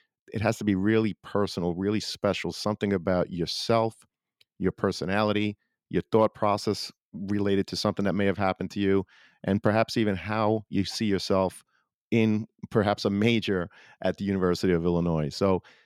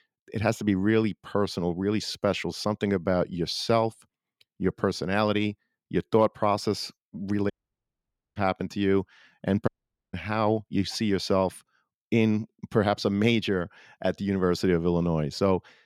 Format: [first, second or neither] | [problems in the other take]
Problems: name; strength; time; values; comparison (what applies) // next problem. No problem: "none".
first | audio cutting out; at 7.5 s for 1 s and at 9.5 s